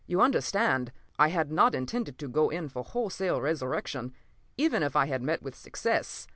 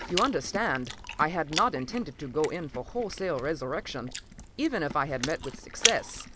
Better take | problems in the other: first | background sound (Chewing, mastication); 4 dB below the speech

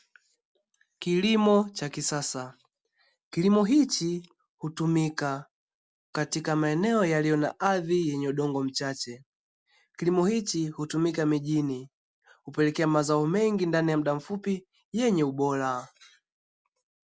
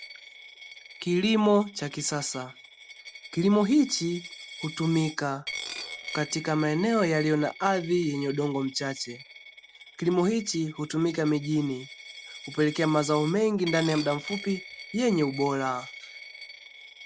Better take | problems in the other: first | background sound (Coin (dropping)); 15 dB below the speech

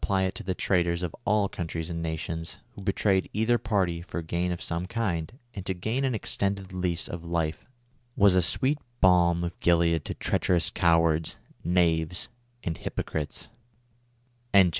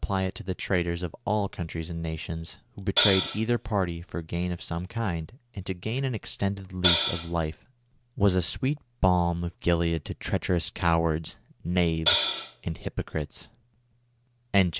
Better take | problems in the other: first | background sound (Hi-hat); 1 dB above the speech

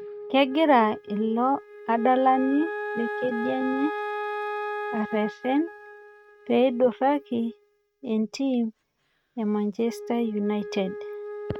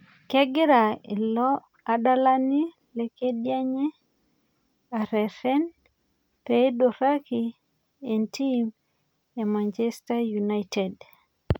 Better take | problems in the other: second | noise reduction (neural mask model RNNoise)

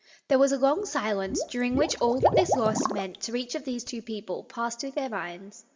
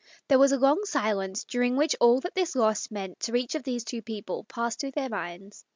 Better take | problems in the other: second | background sound (Liquid); 2 dB below the speech // room echo; dies away in 0.7 s

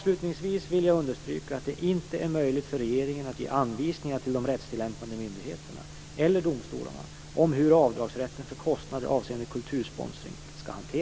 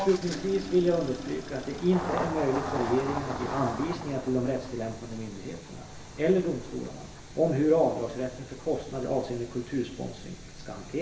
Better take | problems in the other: first | background sound (Engine starting); 10 dB below the speech // room echo; dies away in 1.1 s

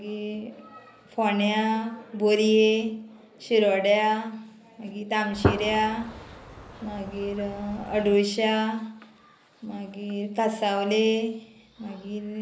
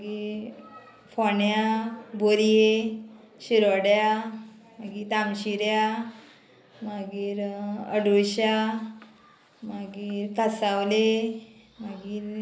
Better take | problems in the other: second | background sound (Gunshot, gunfire); 6 dB below the speech

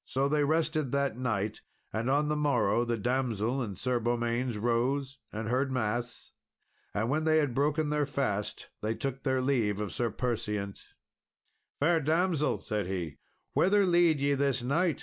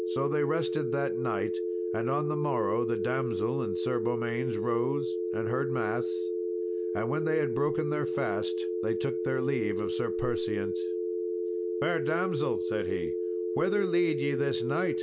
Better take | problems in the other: first | background sound (Telephone); 1 dB above the speech

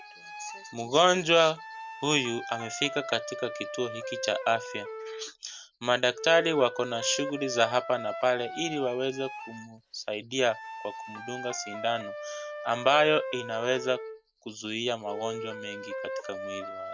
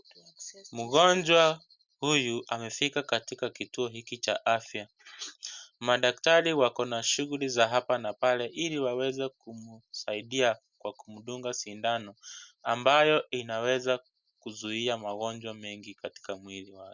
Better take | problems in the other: second | background sound (Wind instrument, woodwind instrument); 10 dB below the speech

